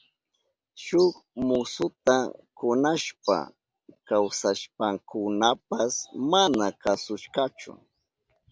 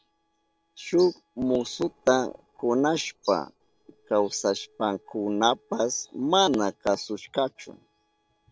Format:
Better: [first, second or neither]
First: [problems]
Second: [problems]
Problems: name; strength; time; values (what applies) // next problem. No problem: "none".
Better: first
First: none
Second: noise reduction (neural separator model SepFormer DNS4)